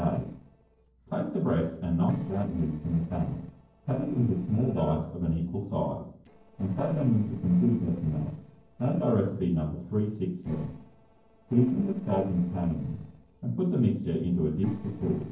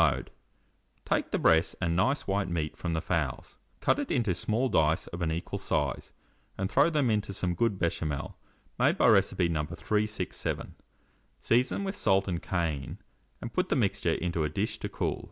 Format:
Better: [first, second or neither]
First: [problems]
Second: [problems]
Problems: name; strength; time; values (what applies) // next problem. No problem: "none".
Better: second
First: noise reduction (neural separator model SepFormer DNS4)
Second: none